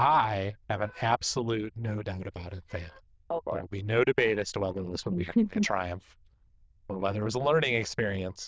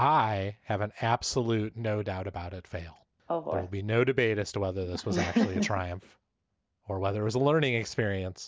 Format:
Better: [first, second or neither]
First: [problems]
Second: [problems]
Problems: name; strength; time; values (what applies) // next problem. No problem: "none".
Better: second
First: noise reduction (neural diffusion model UNIVERSE++)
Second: none